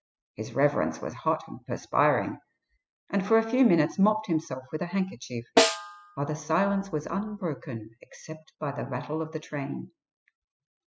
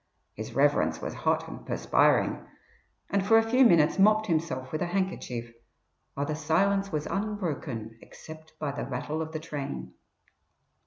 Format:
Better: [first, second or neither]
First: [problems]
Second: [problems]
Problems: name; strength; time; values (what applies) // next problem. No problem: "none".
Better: second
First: noise reduction (classical method spectral subtraction)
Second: none